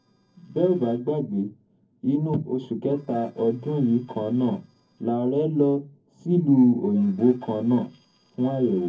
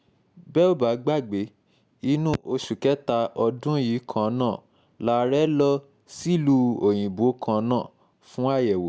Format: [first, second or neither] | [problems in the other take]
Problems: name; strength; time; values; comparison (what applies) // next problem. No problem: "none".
second | noise reduction (neural separator model SepFormer DNS4)